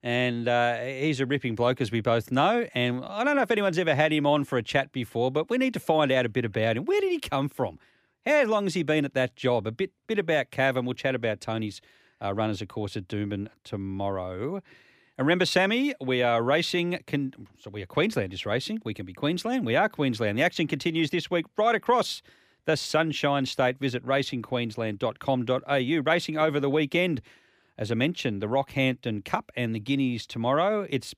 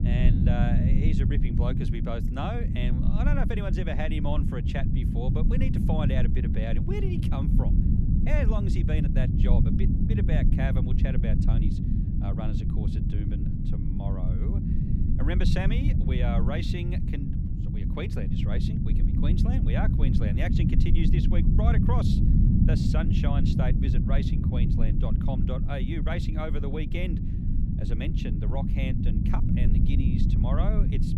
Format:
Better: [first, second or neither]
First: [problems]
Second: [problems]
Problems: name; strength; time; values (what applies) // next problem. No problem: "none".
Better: first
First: none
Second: low rumble; loud; throughout; as loud as the speech